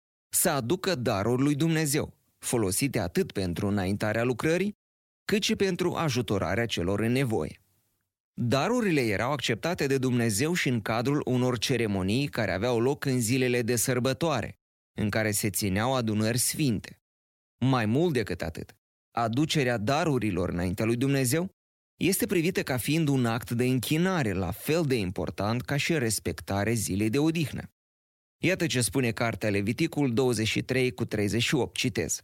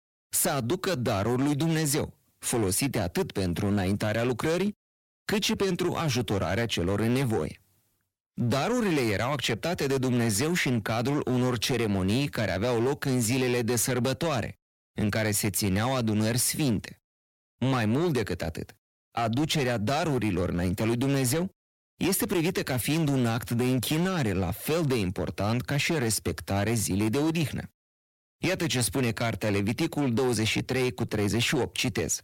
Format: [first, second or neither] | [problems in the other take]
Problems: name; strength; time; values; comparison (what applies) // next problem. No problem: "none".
first | distortion; slight; 14% of the sound clipped